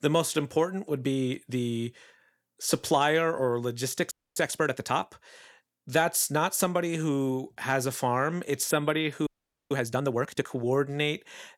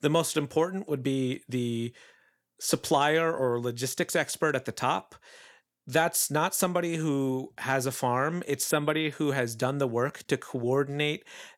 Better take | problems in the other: second | audio freezing; at 4 s and at 9.5 s

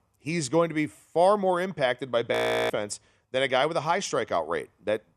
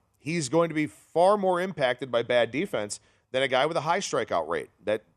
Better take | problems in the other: second | audio freezing; at 2.5 s

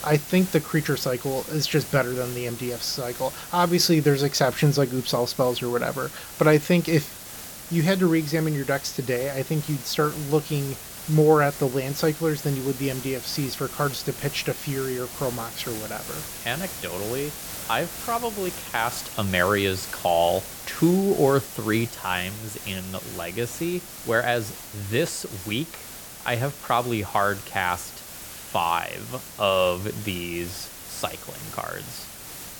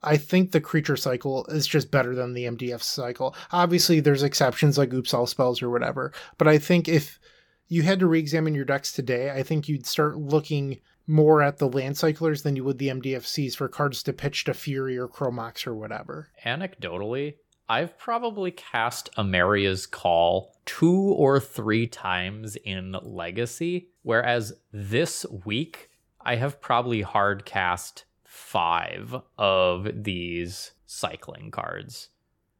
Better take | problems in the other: second | hiss; noticeable; throughout; 10 dB below the speech

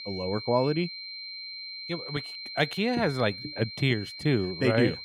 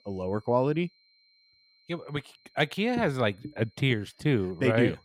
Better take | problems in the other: second | high-pitched whine; loud; throughout; 4 kHz, 9 dB below the speech; faint in the second

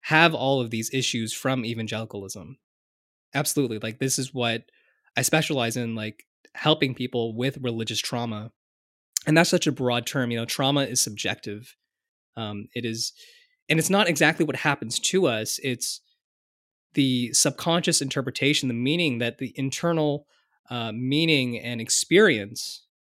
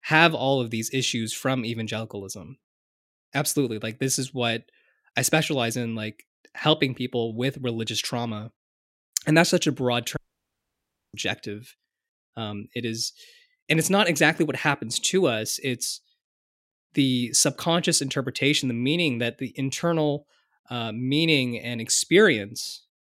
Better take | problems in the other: first | audio cutting out; at 10 s for 1 s

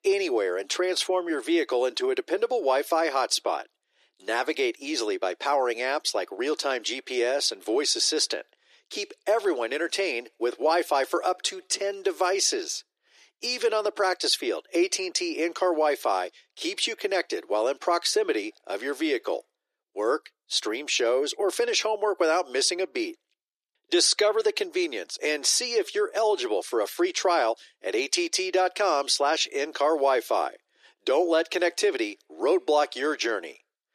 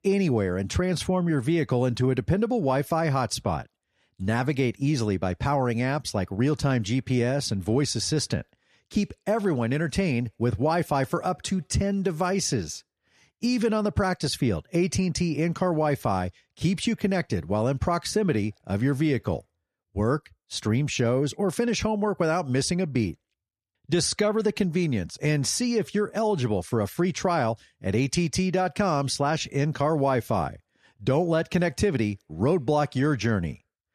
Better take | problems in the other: second | thin; very; fading below 350 Hz

